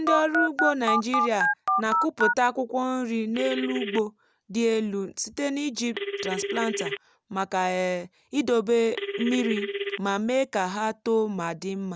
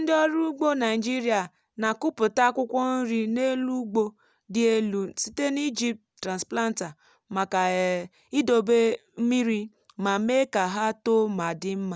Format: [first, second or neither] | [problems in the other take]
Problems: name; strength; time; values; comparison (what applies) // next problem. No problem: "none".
second | background sound (Telephone); 4 dB below the speech